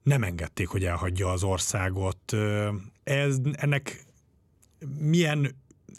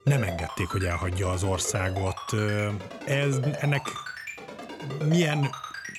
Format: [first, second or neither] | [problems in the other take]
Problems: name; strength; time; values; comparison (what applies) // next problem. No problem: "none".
first | phone ringing; noticeable; peak 7 dB below the speech